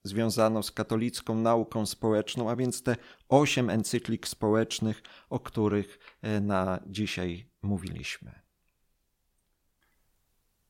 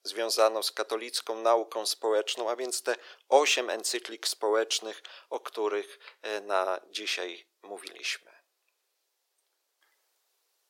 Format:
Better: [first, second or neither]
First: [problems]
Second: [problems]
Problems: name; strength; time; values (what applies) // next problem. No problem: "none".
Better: first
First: none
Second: thin; very; fading below 400 Hz